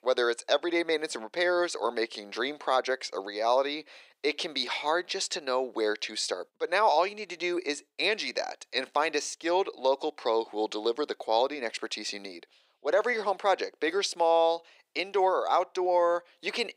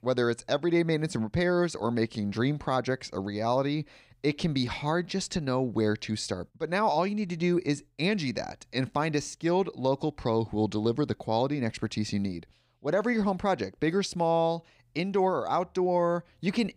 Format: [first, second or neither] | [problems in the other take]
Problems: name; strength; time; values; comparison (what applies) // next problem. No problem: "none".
second | thin; very; fading below 400 Hz